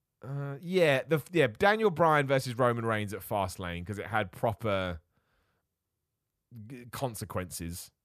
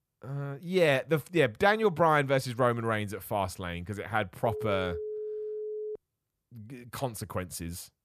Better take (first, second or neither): first